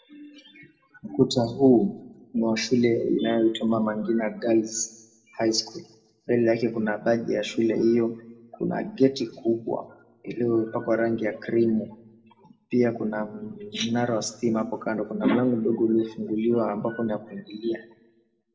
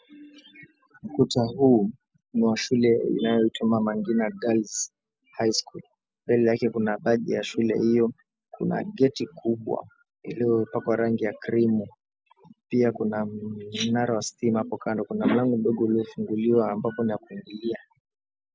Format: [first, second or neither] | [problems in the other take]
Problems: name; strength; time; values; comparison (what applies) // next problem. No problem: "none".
second | room echo; dies away in 0.7 s